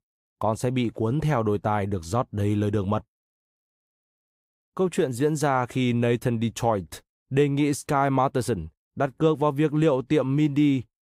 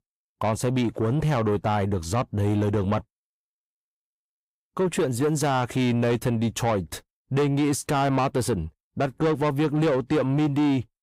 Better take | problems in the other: first | distortion; slight; 10 dB below the speech

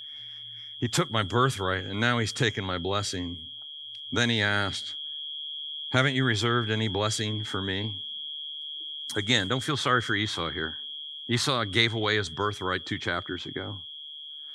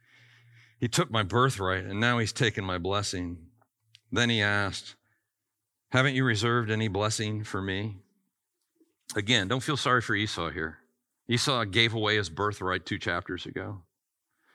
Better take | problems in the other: second | high-pitched whine; loud; throughout; 3.5 kHz, 8 dB below the speech

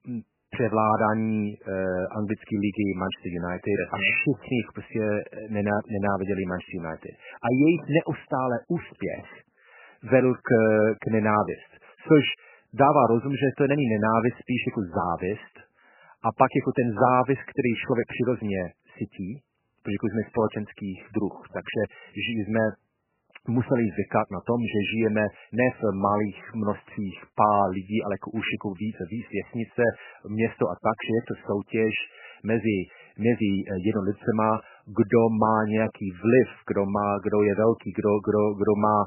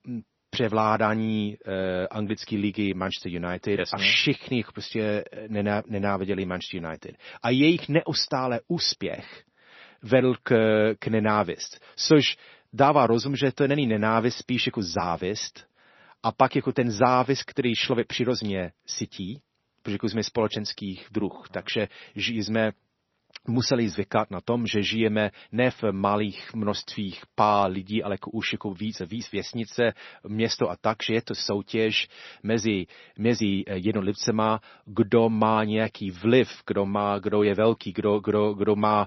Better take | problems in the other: second | garbled, watery; badly; nothing above 3 kHz; slightly in the second

